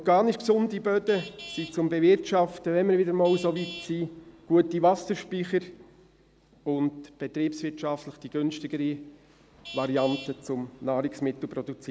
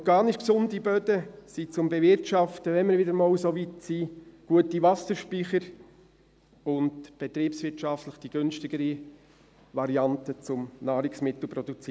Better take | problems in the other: second | background sound (Traffic noise, roadway noise / Vehicle horn, car horn, honking); 19 dB below the speech

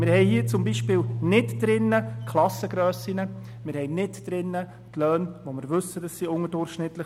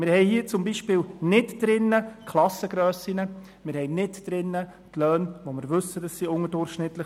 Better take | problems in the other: second | background sound (Piano); 7 dB below the speech

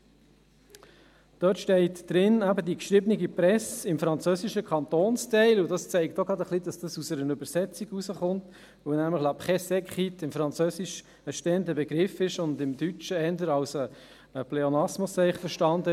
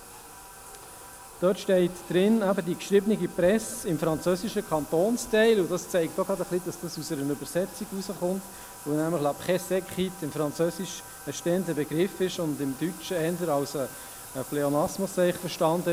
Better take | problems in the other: first | background sound (Bathtub (filling or washing)); 16 dB below the speech

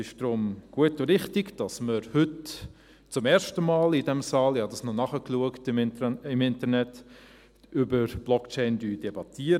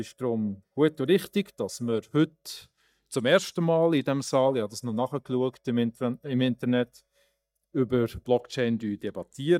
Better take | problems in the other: first | noise reduction (neural mask model DeepFilterNet 3)

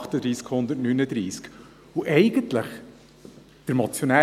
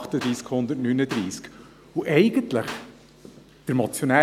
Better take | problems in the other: first | background sound (Clapping); 14 dB below the speech

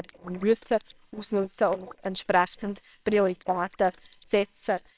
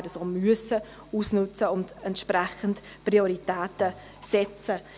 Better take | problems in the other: second | noise reduction (neural separator model SepFormer WHAMR!)

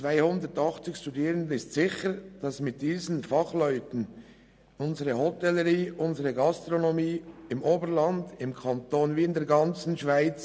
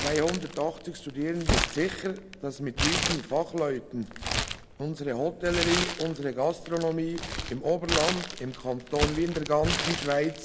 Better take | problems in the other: first | background sound (Crumpling, crinkling); 3 dB below the speech

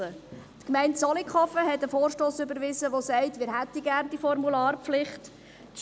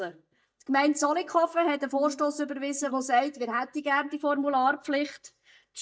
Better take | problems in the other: first | noise reduction (neural mask model DeepFilterNet 3)

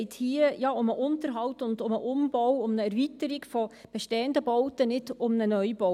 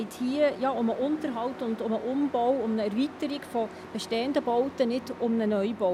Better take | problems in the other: first | background sound (Truck); 15 dB below the speech

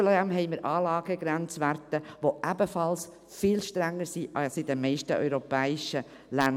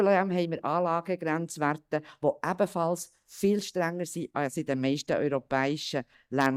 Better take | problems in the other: first | noise reduction (neural mask model DeepFilterNet 3)

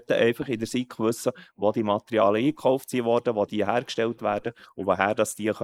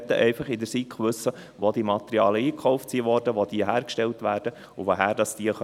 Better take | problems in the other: second | noise reduction (neural mask model Resemble Enhance denoiser)

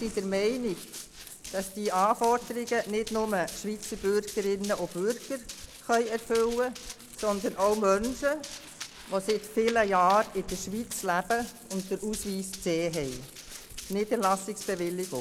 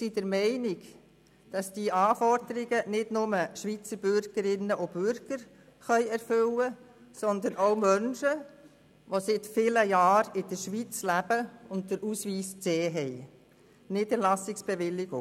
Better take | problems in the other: second | background sound (Run); 14 dB below the speech

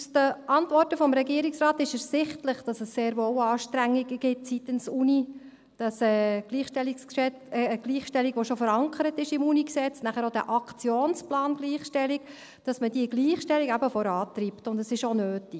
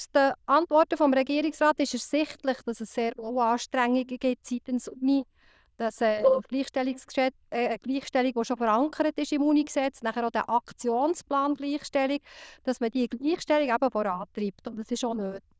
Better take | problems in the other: first | noise reduction (neural diffusion model UNIVERSE++)

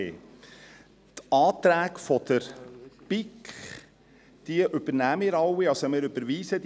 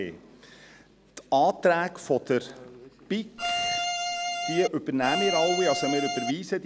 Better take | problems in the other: first | background sound (Bowed string instrument); 1 dB below the speech

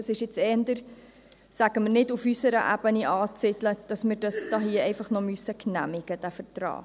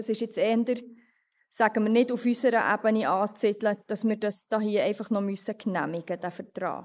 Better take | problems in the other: first | noise reduction (neural mask model Resemble Enhance denoiser)

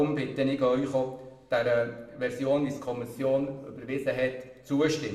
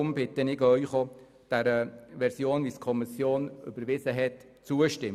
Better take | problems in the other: second | room echo; dies away in 0.7 s

